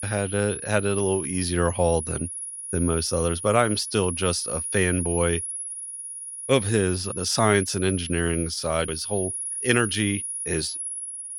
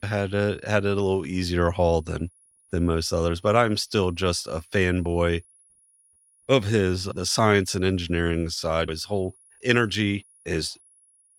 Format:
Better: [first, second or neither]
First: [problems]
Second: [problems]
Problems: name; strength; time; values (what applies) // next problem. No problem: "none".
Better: second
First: high-pitched whine; loud; throughout; 10.5 kHz, 5 dB below the speech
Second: high-pitched whine; faint; throughout; 10.5 kHz, 30 dB below the speech